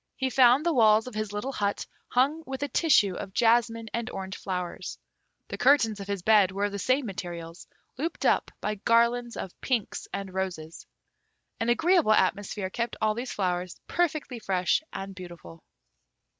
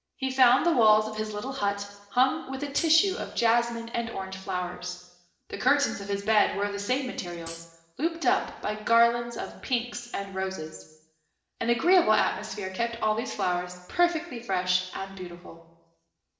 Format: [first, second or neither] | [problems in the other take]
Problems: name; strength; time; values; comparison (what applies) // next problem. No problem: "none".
first | noise reduction (neural separator model SepFormer DNS4)